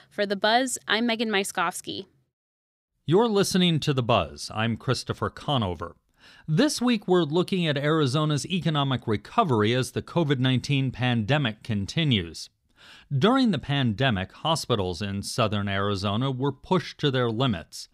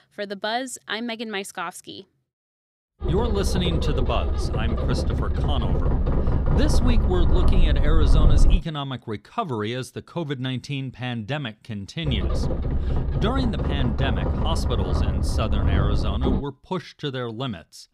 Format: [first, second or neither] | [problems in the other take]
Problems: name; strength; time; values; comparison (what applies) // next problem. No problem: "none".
first | low rumble; loud; from 3 to 8.5 s and from 12 to 16 s; 3 dB below the speech